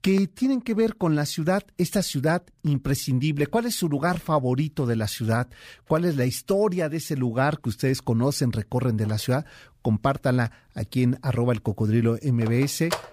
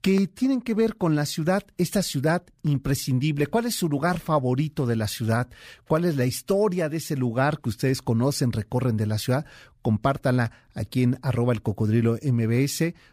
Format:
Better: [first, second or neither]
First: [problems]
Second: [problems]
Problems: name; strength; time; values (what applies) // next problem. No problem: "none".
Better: second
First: phone ringing; noticeable; from 9 s on; peak 7 dB below the speech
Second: none